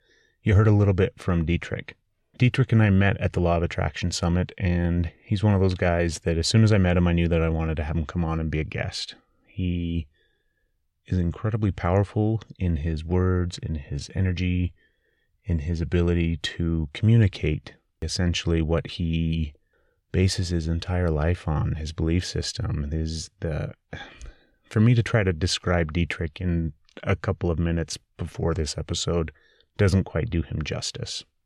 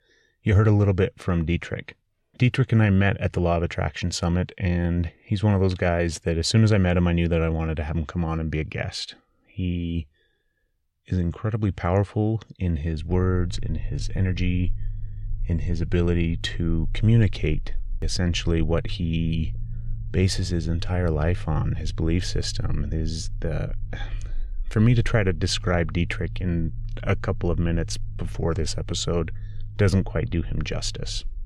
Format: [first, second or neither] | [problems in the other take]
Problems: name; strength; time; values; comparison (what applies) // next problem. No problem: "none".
first | low rumble; faint; from 13 s on; 25 dB below the speech